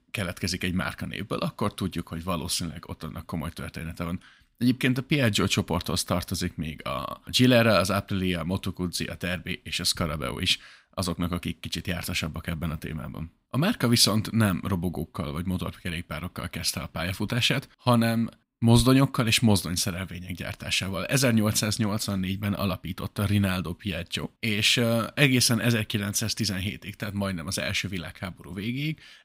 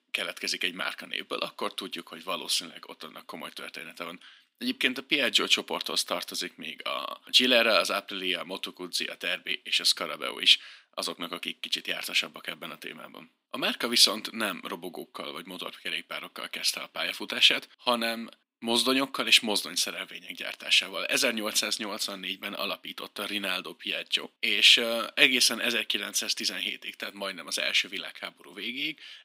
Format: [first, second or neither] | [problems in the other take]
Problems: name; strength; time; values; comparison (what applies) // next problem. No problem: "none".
first | thin; somewhat; fading below 300 Hz